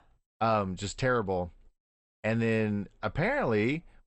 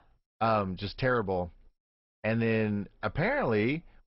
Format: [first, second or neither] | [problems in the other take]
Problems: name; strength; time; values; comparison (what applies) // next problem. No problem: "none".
first | garbled, watery; badly; nothing above 5.5 kHz; slightly in the first